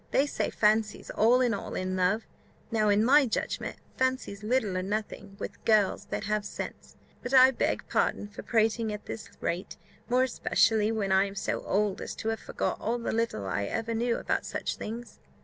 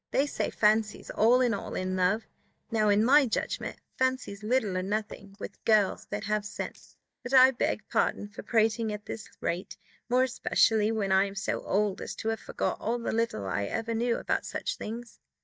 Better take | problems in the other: first | noise reduction (neural mask model DeepFilterNet 3)

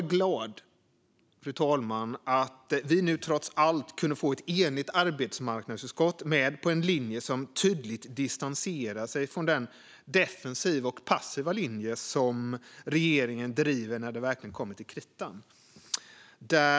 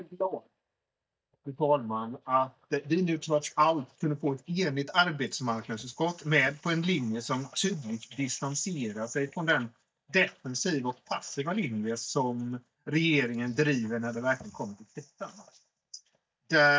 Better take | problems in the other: first | noise reduction (neural mask model DeepFilterNet 3)

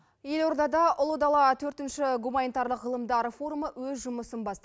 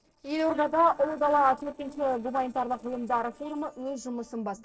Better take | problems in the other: first | noise reduction (neural separator model SepFormer DNS4)

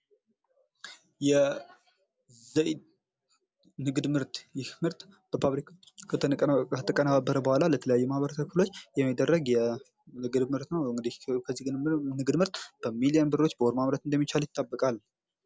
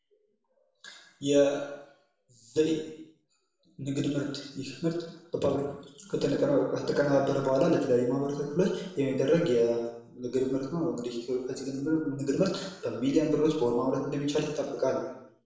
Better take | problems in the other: first | room echo; dies away in 0.8 s

